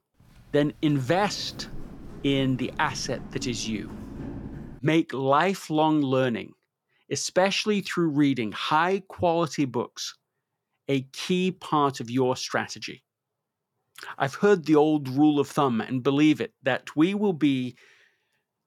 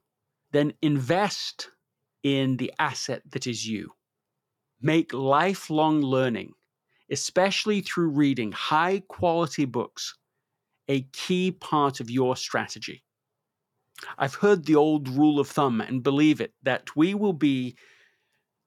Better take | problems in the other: second | footsteps; faint; until 5 s; peak 10 dB below the speech

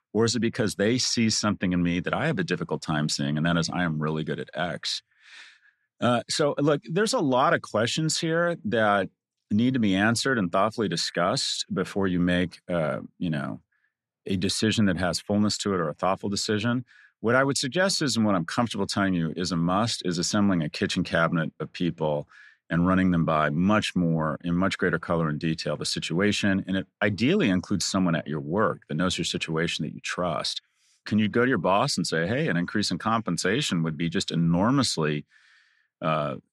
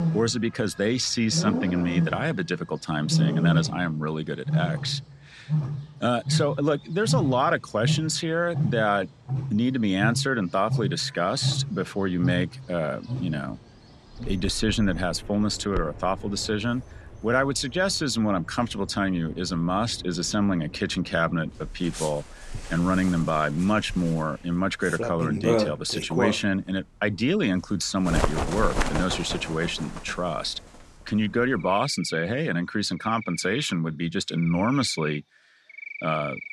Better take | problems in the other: first | animal sounds; loud; throughout; 5 dB below the speech

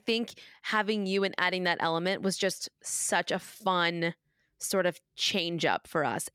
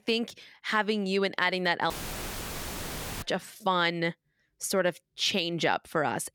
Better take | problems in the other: first | audio cutting out; filled with static; at 2 s for 1.5 s

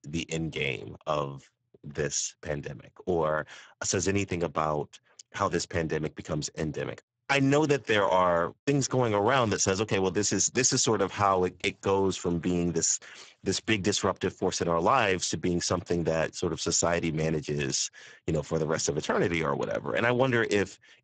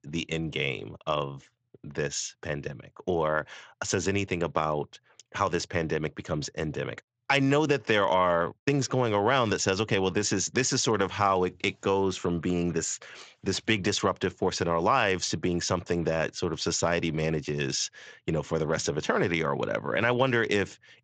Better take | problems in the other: second | garbled, watery; badly; nothing above 7.5 kHz; slightly in the second

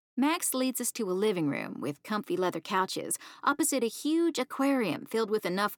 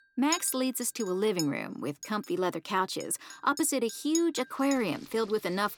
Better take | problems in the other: first | household noises; noticeable; throughout; 10 dB below the speech

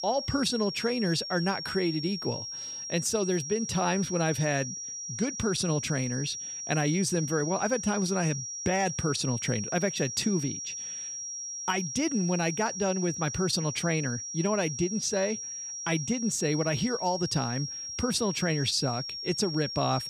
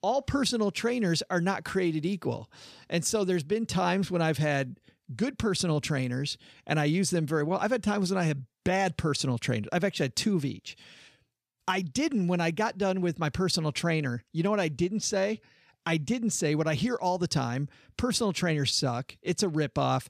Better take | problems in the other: second | high-pitched whine; loud; throughout; 5.5 kHz, 5 dB below the speech

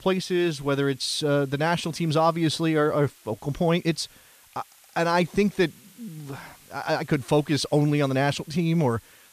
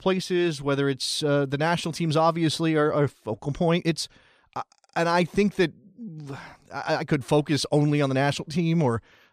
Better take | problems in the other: second | hiss; faint; throughout; 25 dB below the speech

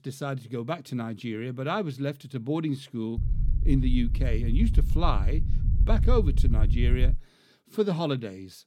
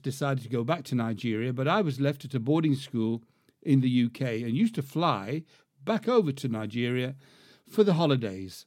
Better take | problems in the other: second | low rumble; noticeable; from 3 to 7 s; 10 dB below the speech

